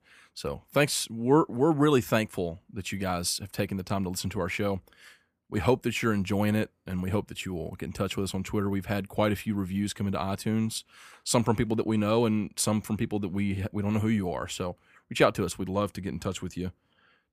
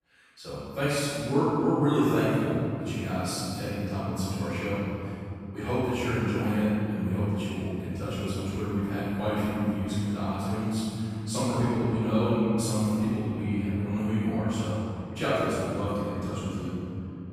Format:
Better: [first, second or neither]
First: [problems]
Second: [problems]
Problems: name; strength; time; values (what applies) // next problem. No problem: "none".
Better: first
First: none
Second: off-mic speech; far // room echo; strong; dies away in 3 s